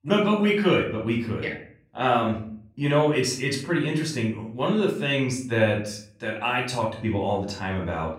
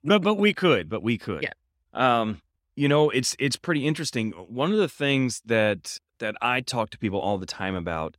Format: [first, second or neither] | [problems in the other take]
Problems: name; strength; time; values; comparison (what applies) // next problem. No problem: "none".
second | off-mic speech; far // room echo; noticeable; dies away in 0.5 s